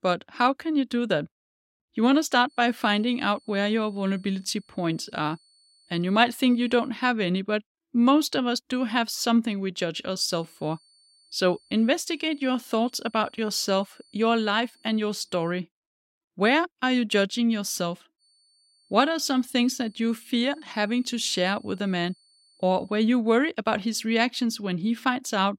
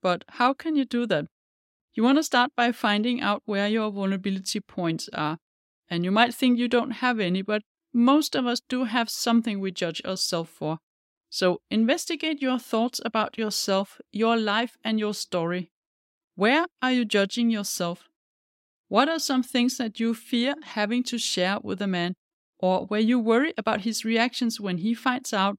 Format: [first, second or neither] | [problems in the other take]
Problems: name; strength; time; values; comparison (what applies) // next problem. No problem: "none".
second | high-pitched whine; faint; from 2.5 to 7 s, from 10 to 16 s and from 18 to 23 s; 4.5 kHz, 35 dB below the speech